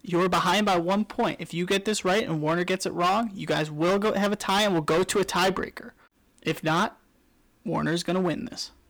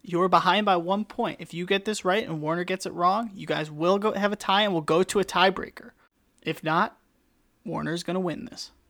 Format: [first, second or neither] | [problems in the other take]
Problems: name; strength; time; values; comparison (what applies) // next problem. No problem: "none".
second | distortion; heavy; 12% of the sound clipped